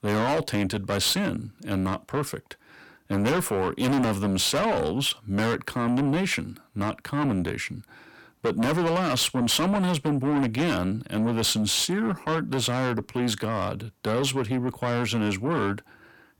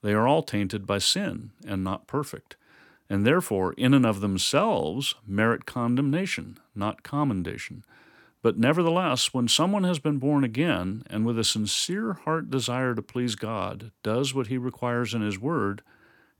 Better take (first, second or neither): second